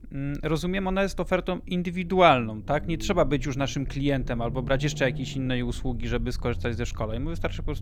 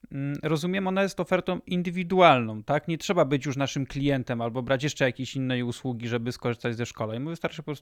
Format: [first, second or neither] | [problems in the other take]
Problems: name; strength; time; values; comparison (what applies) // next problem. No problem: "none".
second | low rumble; faint; throughout; 20 dB below the speech